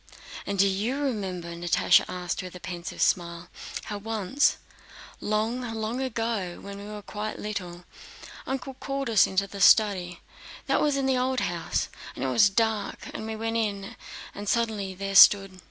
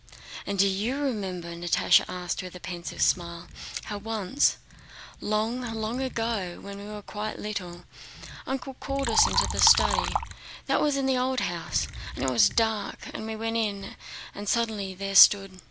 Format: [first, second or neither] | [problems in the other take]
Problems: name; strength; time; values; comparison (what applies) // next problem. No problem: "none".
first | background sound (Liquid); 9 dB below the speech